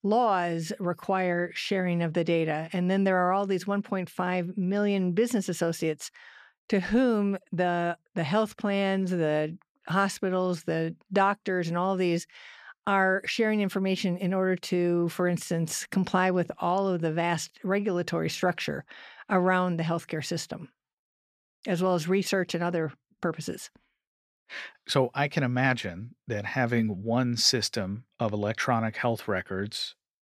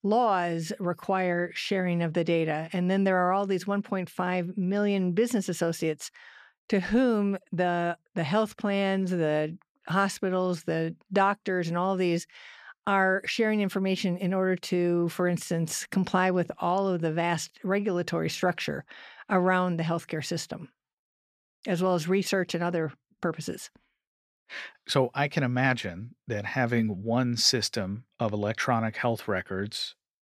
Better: neither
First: none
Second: none

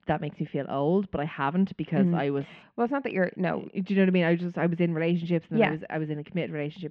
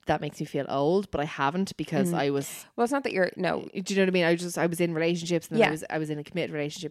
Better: second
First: muffled; very; fading above 3 kHz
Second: none

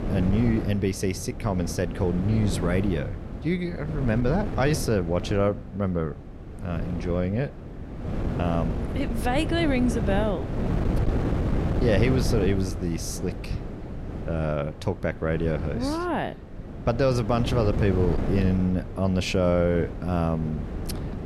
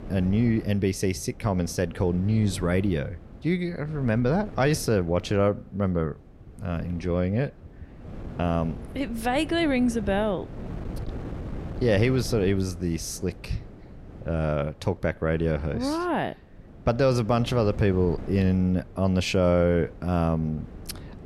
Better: second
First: wind noise on the microphone; heavy; 9 dB below the speech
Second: wind noise on the microphone; occasional gusts; 20 dB below the speech

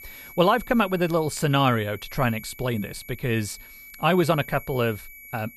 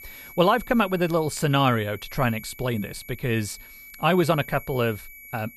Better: neither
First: high-pitched whine; noticeable; throughout; 2.5 kHz, 20 dB below the speech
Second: high-pitched whine; noticeable; throughout; 2.5 kHz, 20 dB below the speech

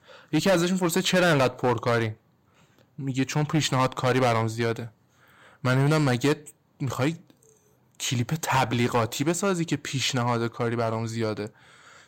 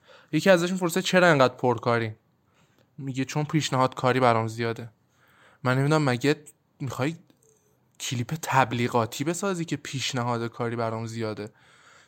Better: second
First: distortion; heavy; 6% of the sound clipped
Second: none

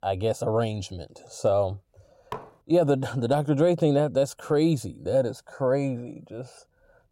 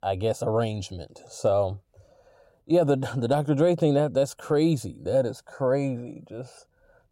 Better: second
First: clattering dishes; faint; at 2.5 s; peak 15 dB below the speech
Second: none

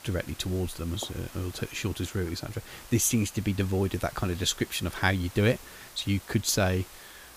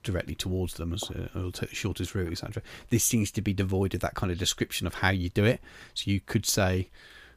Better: second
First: hiss; noticeable; throughout; 20 dB below the speech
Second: none

